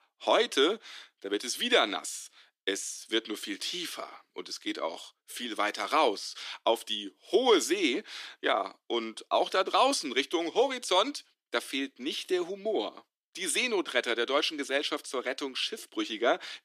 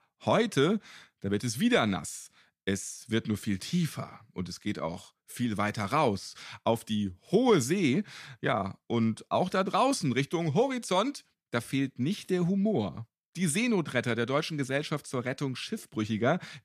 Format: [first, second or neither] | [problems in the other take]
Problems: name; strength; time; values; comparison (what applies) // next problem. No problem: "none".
second | thin; somewhat; fading below 300 Hz